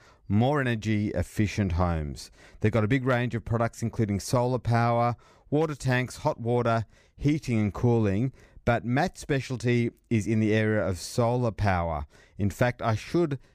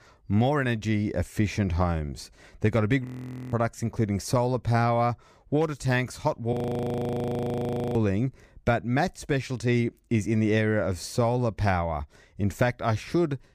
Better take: first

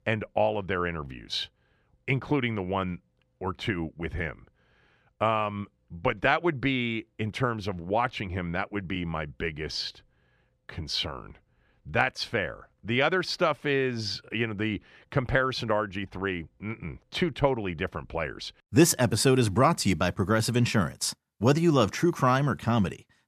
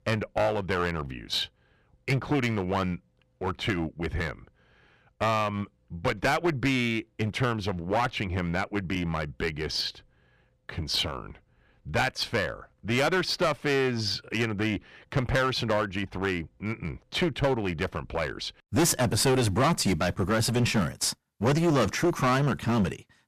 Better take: first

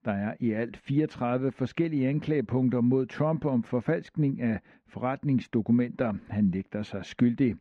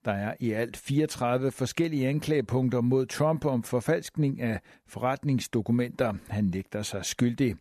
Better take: second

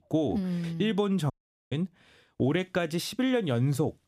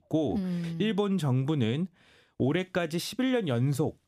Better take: second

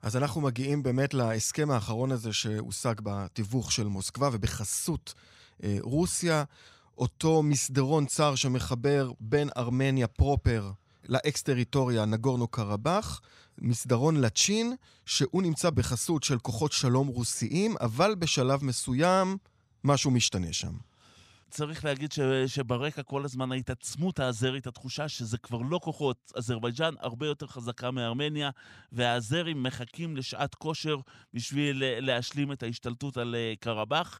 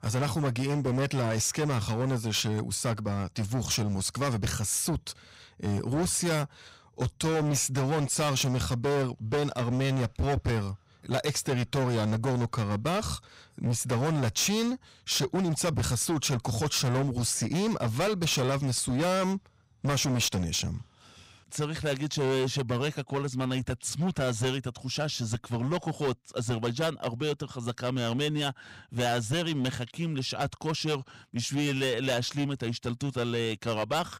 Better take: first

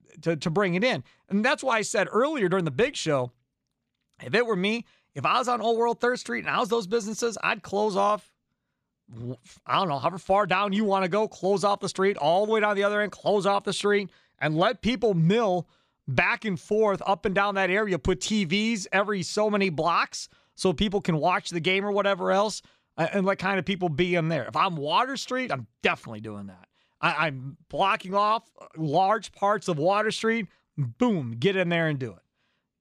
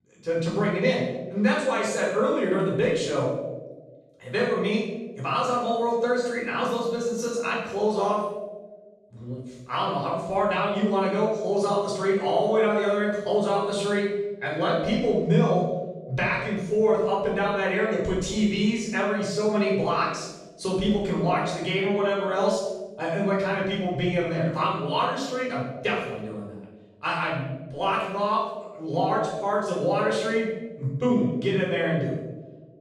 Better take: first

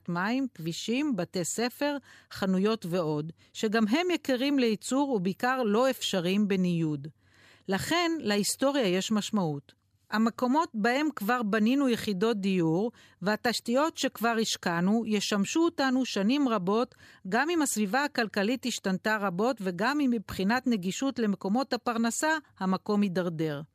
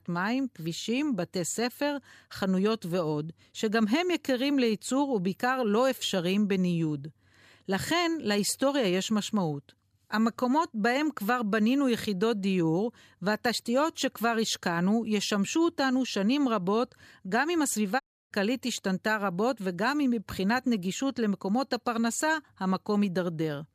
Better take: first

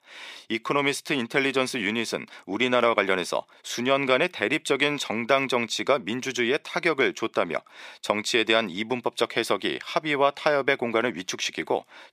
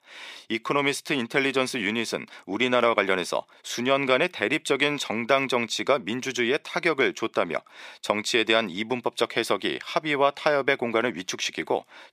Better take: neither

